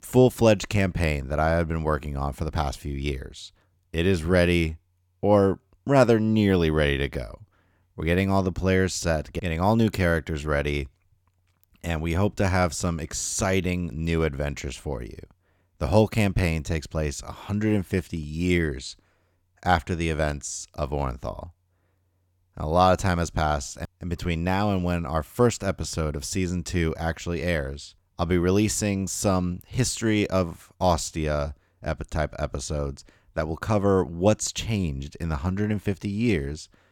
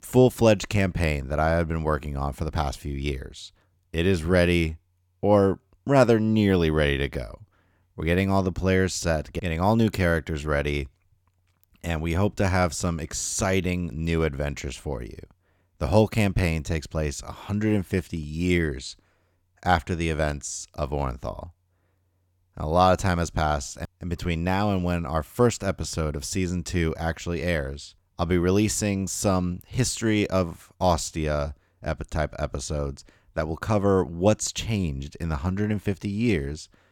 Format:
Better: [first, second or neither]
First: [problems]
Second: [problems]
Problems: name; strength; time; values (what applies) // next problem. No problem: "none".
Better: neither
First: none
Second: none